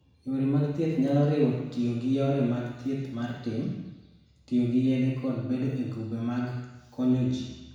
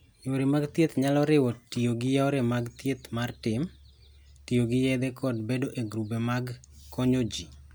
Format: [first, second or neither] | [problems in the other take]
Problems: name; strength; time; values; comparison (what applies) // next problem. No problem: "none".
second | room echo; dies away in 1.1 s